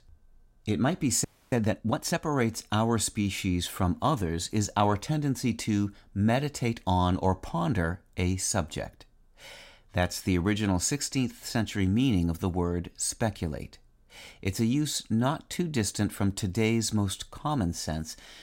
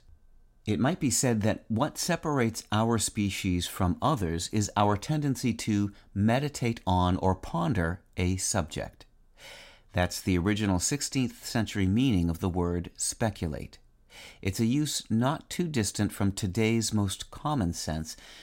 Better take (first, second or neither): second